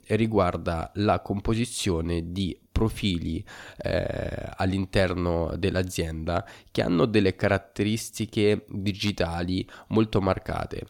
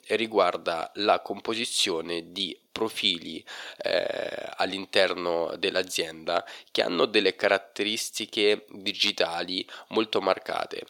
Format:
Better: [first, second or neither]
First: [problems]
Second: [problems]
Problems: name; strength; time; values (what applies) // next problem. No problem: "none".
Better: first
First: none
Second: thin; somewhat; fading below 450 Hz